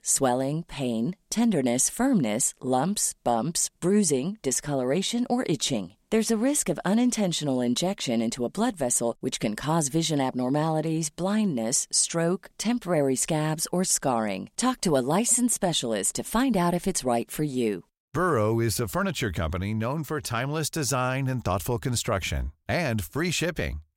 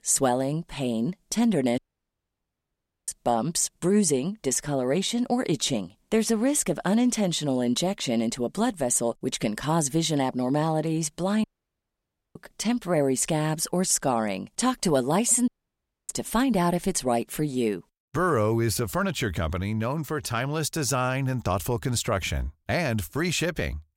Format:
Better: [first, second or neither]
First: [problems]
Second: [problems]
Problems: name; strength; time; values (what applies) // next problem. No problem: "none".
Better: first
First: none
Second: audio cutting out; at 2 s for 1.5 s, at 11 s for 1 s and at 15 s for 0.5 s